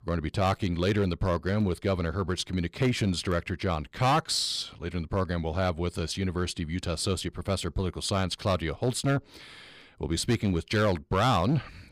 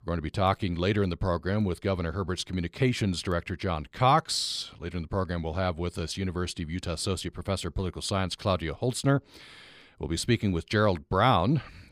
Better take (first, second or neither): second